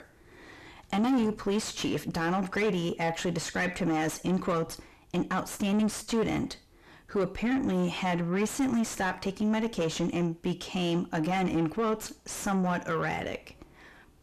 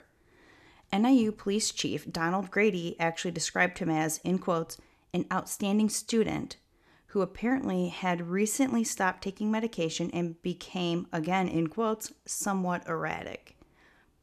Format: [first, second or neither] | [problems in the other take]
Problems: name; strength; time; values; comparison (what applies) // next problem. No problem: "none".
second | distortion; heavy; 6 dB below the speech